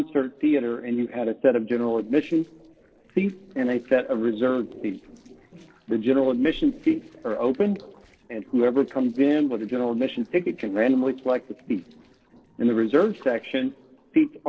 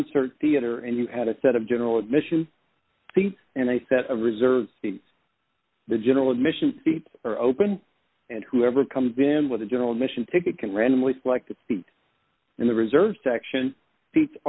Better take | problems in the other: second | noise reduction (neural separator model SepFormer DNS4)

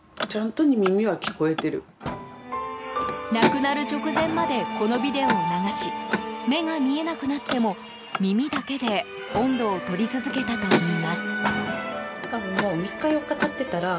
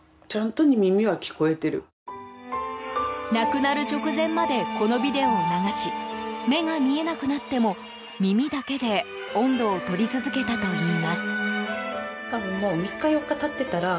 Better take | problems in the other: second | background sound (Car); 7 dB below the speech

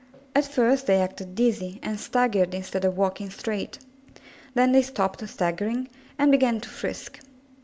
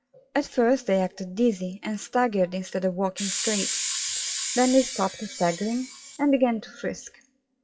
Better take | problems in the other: first | noise reduction (classical method WPE with log-MMSE)

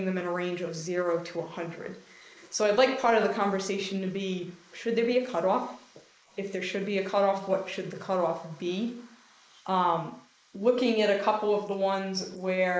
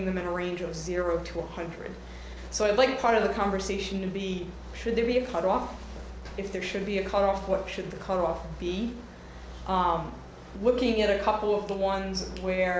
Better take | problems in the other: second | noise reduction (neural mask model Resemble Enhance denoiser)

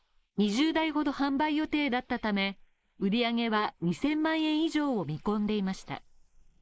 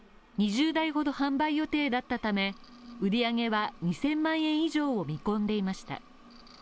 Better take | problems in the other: second | noise reduction (neural mask model Resemble Enhance denoiser)

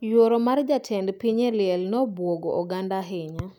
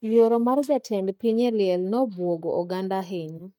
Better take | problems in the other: first | noise reduction (neural mask model DeepFilterNet 3)

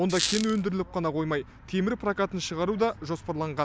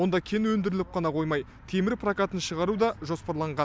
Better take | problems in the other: second | background sound (Squeak); 5 dB below the speech

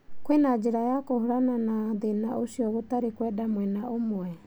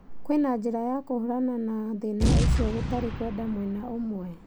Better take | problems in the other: first | background sound (Boom); 1 dB below the speech

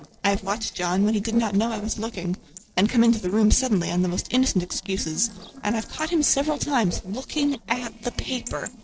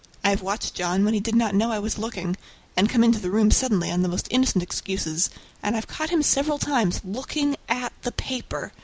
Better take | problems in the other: second | noise reduction (neural separator model SepFormer DNS4)

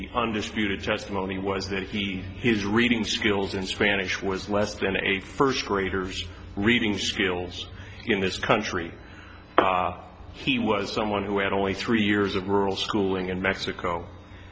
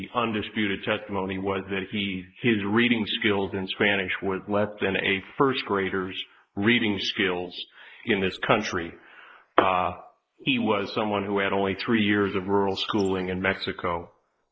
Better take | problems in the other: first | noise reduction (neural mask model Resemble Enhance denoiser)

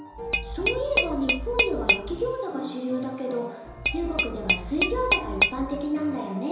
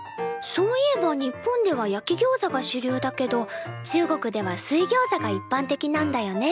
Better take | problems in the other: second | background sound (Tap / Glass); 1 dB above the speech // room echo; dies away in 1 s

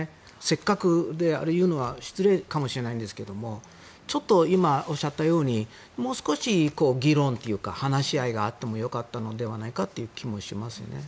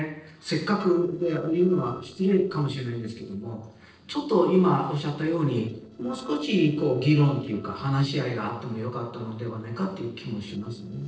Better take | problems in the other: first | noise reduction (neural separator model SepFormer DNS4)

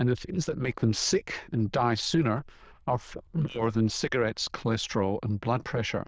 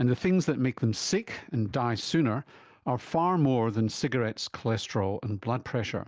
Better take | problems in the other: second | noise reduction (neural diffusion model UNIVERSE++)

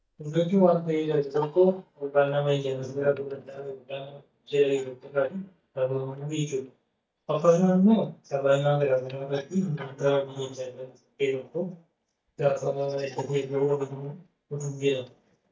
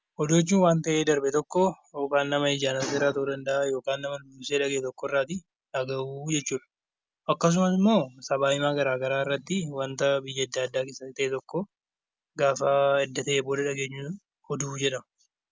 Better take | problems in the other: second | noise reduction (neural mask model DeepFilterNet 3)

